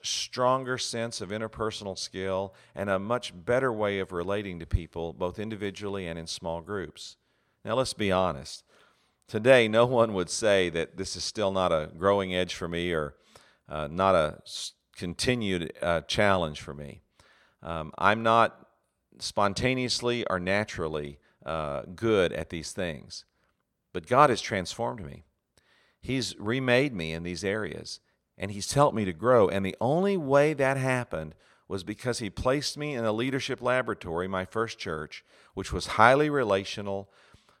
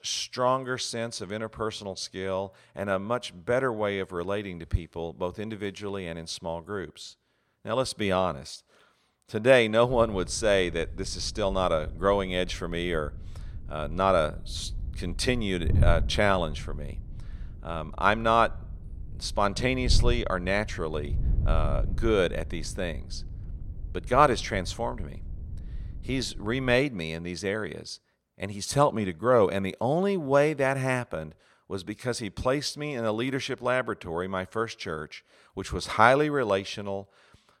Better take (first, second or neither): first